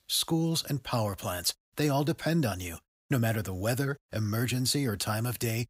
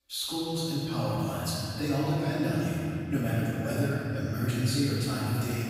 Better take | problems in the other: first | room echo; strong; dies away in 3 s // off-mic speech; far

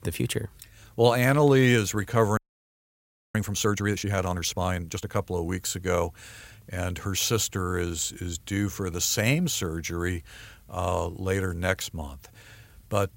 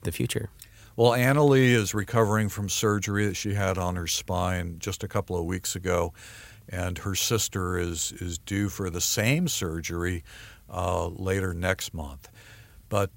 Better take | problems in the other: second | audio freezing; at 2.5 s for 1 s

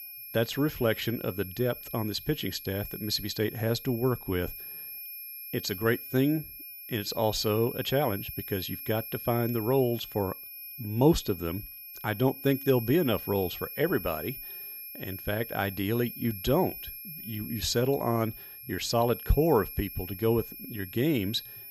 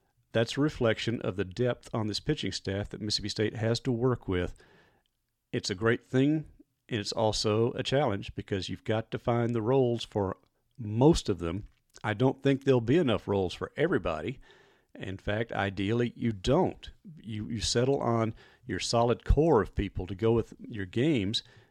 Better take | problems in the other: second | high-pitched whine; noticeable; throughout; 11.5 kHz, 10 dB below the speech

